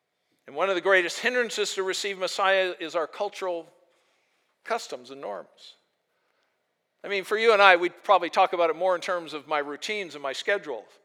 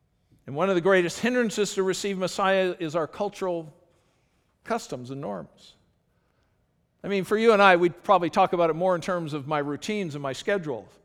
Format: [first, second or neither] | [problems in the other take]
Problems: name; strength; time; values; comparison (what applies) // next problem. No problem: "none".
second | thin; somewhat; fading below 500 Hz